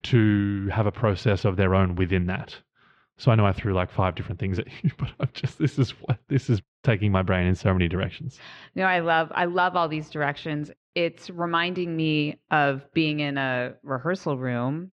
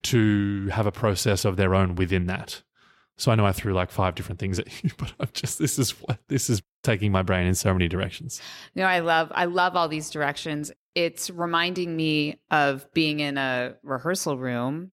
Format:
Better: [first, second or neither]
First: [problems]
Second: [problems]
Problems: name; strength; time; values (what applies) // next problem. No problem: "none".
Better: second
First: muffled; slightly; fading above 3.5 kHz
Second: none